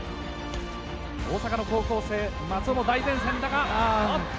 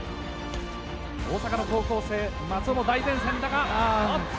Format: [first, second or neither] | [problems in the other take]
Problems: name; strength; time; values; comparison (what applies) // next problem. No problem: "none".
first | background sound (Zipper (clothing)); 18 dB below the speech